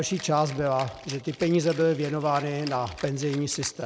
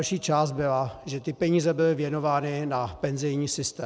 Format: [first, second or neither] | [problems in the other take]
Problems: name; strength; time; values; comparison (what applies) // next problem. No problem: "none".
second | background sound (Rattle (instrument)); 18 dB below the speech